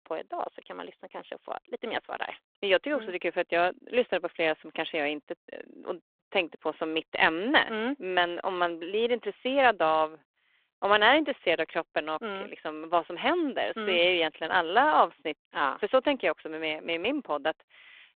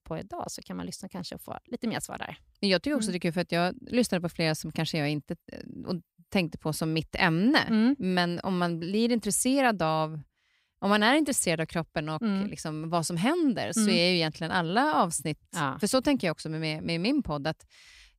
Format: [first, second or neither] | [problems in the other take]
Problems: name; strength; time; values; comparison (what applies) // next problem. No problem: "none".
second | phone-call audio